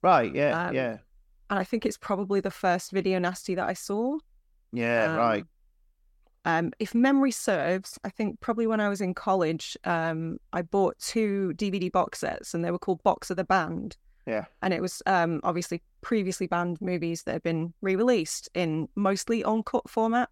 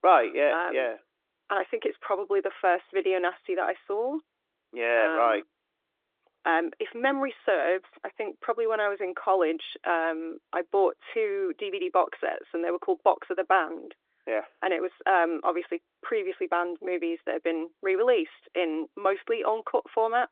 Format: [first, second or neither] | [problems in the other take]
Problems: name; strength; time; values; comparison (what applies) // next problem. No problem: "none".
first | phone-call audio